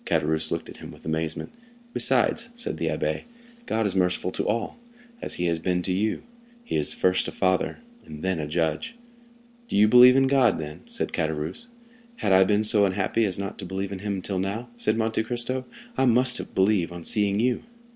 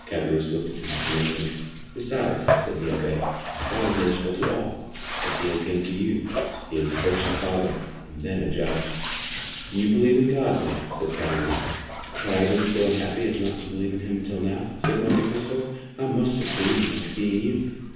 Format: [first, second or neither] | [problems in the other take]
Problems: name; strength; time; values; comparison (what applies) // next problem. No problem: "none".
first | background sound (Bathtub (filling or washing)); 5 dB below the speech // room echo; dies away in 1.1 s